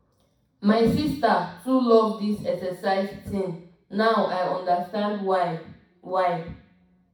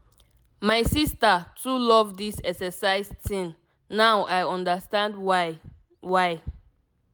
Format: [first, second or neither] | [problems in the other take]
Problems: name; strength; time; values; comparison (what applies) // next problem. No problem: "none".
second | room echo; dies away in 0.6 s